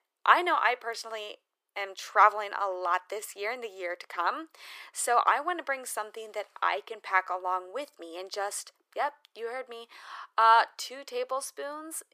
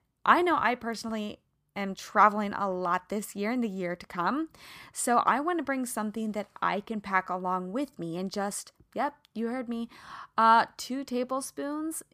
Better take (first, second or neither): second